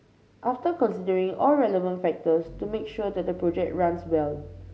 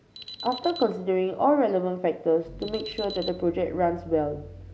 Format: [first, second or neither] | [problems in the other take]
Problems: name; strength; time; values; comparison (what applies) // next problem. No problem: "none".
first | background sound (Alarm); 17 dB below the speech